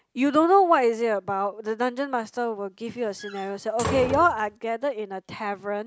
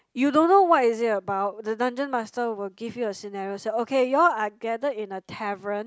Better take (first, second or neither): second